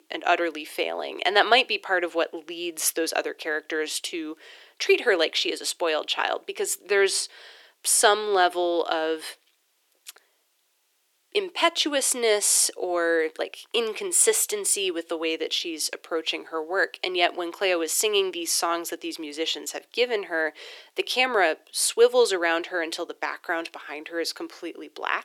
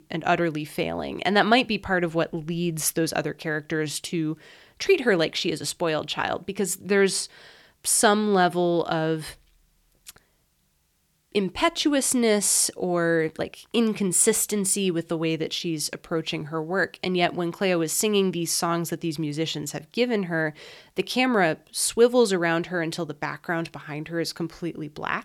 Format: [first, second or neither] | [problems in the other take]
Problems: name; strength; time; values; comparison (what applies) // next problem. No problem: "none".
second | thin; very; fading below 350 Hz